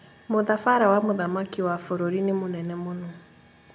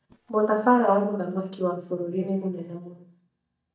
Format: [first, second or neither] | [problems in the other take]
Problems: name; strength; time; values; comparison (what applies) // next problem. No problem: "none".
first | noise reduction (neural mask model DeepFilterNet 3)